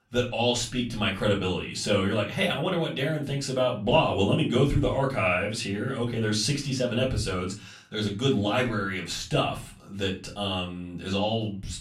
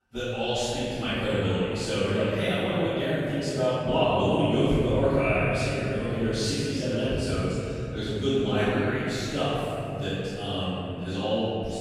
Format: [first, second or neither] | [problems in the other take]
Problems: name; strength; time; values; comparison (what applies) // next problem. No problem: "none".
first | room echo; strong; dies away in 3 s; slight in the first // off-mic speech; far; far in the first